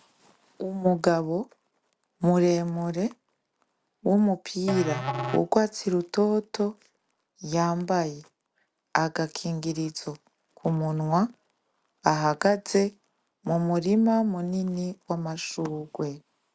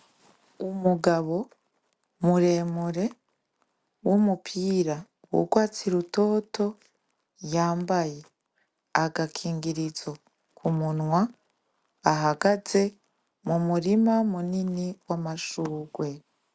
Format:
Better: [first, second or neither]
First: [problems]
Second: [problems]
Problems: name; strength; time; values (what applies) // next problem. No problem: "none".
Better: second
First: background sound (Musical instrument); 9 dB below the speech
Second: none